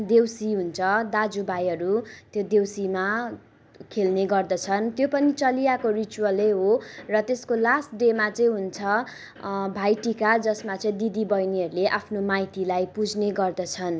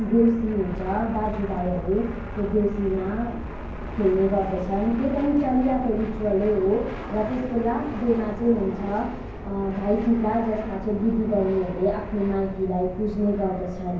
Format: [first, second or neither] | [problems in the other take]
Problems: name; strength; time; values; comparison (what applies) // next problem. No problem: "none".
first | background sound (Fixed-wing aircraft, airplane); 10 dB below the speech // room echo; dies away in 0.9 s